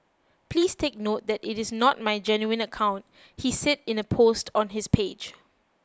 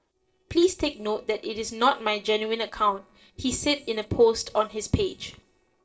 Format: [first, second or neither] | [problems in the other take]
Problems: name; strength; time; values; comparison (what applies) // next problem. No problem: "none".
first | noise reduction (neural separator model SepFormer DNS4)